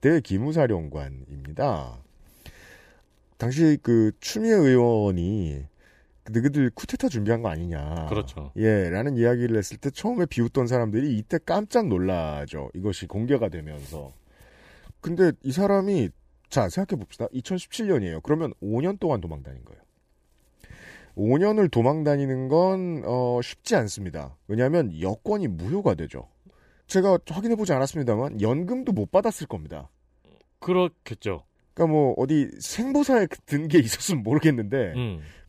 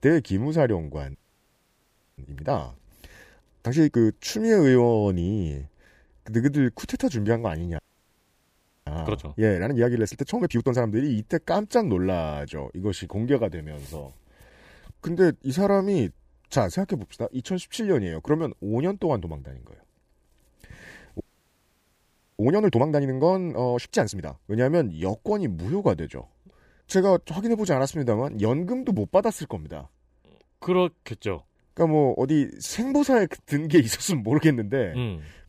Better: first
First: none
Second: audio freezing; at 1 s for 1 s, at 8 s for 1 s and at 21 s for 1 s

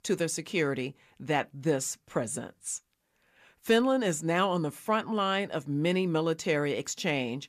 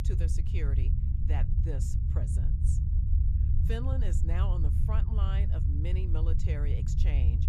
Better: first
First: none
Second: low rumble; loud; throughout; 1 dB below the speech

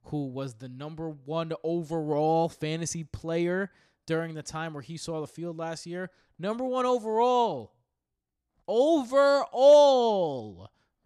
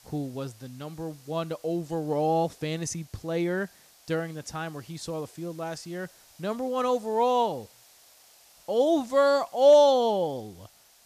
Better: first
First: none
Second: hiss; faint; throughout; 25 dB below the speech

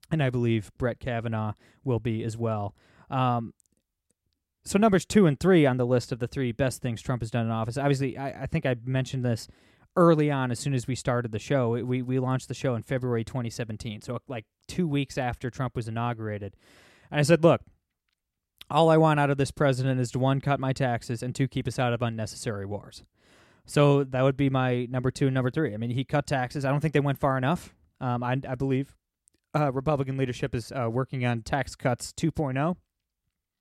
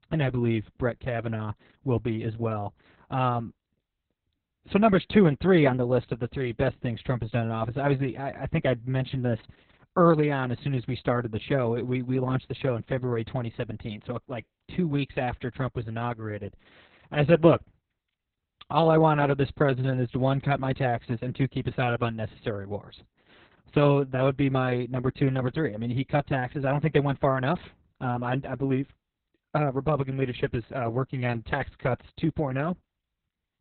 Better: first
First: none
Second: garbled, watery; badly; nothing above 4 kHz

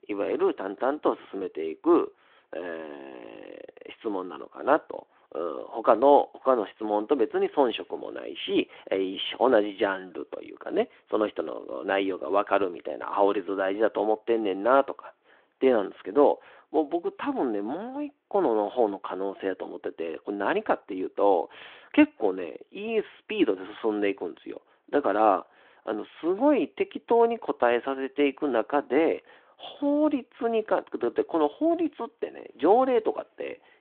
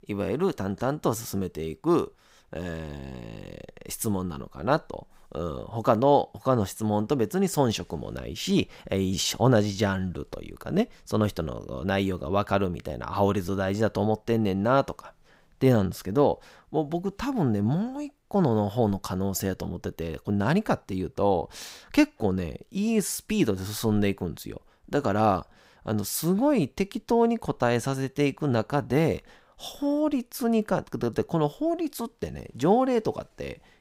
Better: second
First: phone-call audio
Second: none

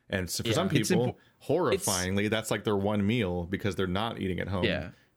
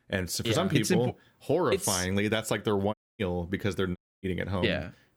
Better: first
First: none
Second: audio cutting out; at 3 s and at 4 s

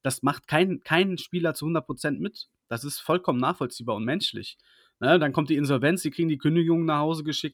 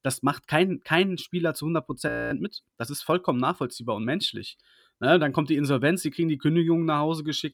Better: first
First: none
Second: audio freezing; at 2 s

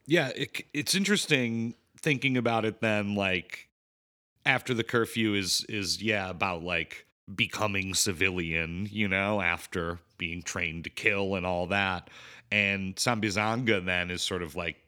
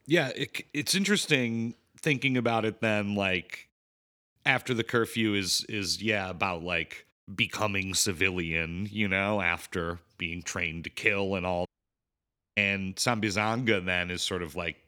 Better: first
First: none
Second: audio cutting out; at 12 s for 1 s

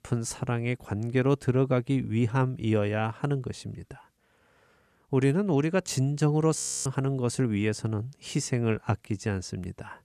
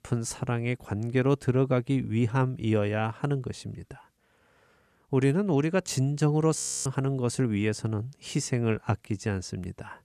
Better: neither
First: audio freezing; at 6.5 s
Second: audio freezing; at 6.5 s

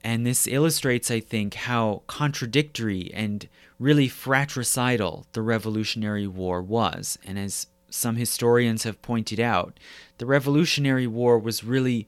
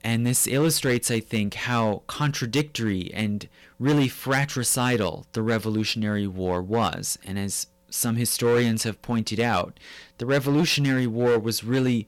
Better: first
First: none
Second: distortion; slight; 7% of the sound clipped

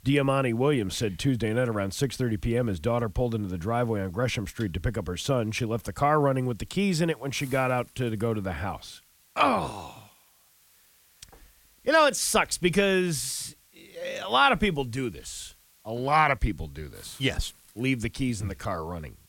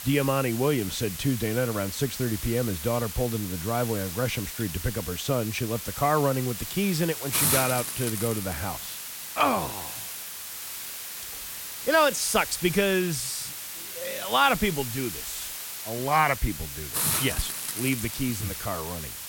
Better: first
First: hiss; faint; throughout; 30 dB below the speech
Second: hiss; loud; throughout; 5 dB below the speech

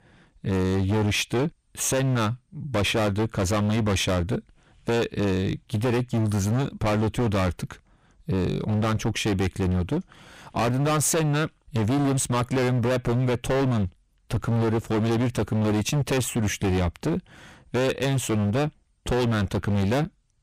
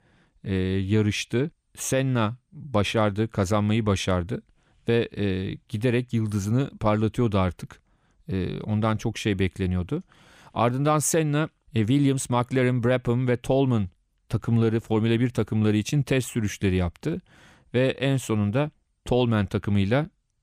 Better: second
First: distortion; heavy; 26% of the sound clipped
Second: none

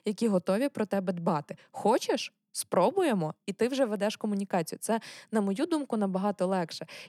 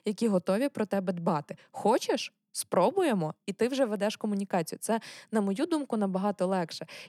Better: neither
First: none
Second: none

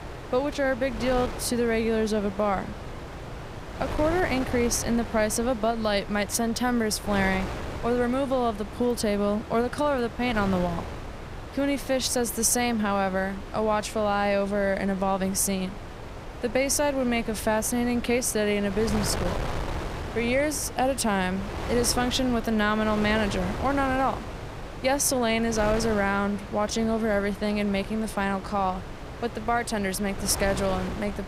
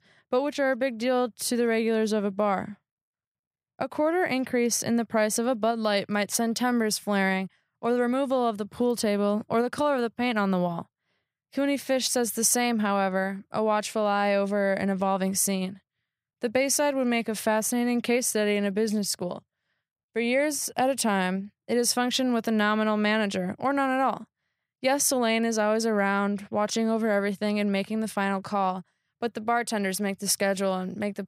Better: second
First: wind noise on the microphone; occasional gusts; 10 dB below the speech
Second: none

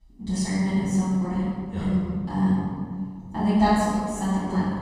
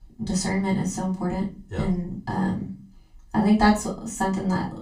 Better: second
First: room echo; strong; dies away in 2.1 s // off-mic speech; far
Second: room echo; slight; dies away in 0.3 s // off-mic speech; far

